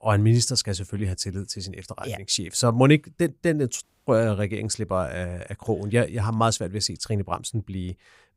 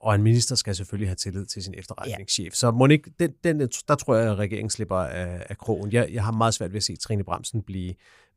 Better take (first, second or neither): second